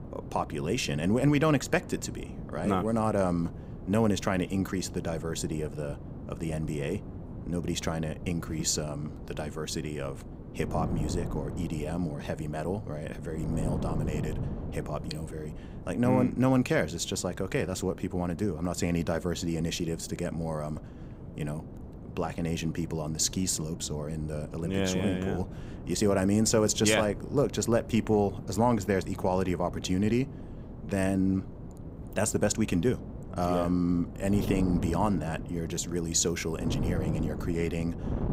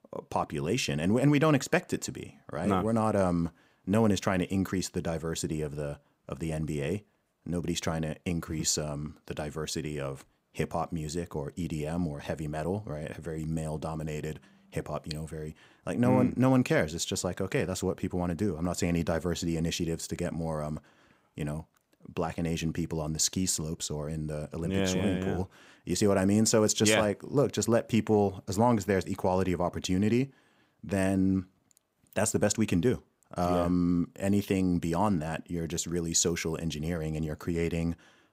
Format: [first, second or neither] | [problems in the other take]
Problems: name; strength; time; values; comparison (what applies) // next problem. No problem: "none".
second | wind noise on the microphone; occasional gusts; 15 dB below the speech